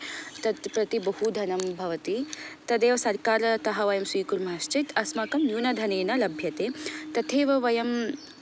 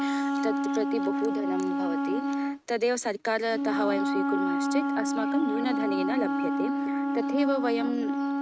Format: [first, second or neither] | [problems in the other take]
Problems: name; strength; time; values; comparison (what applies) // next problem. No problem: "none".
first | noise reduction (neural mask model RNNoise)